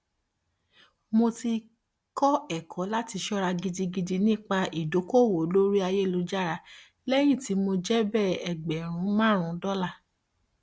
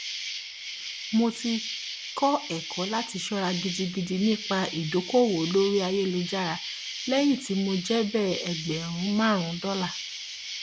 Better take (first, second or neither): first